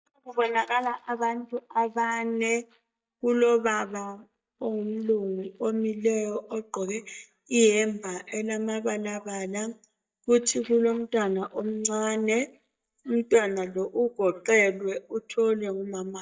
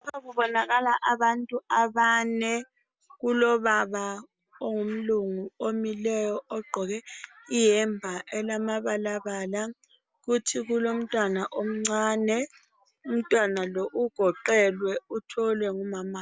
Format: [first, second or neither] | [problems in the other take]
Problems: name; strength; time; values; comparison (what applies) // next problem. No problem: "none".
second | noise reduction (neural mask model DeepFilterNet 3)